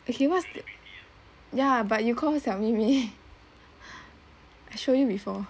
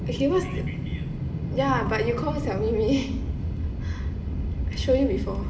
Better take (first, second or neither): first